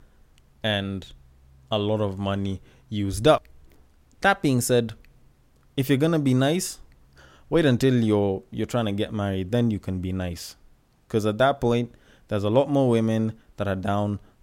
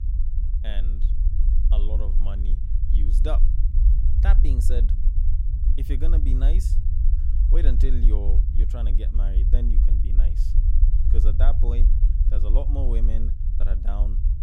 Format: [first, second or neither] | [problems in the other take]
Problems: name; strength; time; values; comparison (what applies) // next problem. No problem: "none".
first | low rumble; loud; throughout; 5 dB below the speech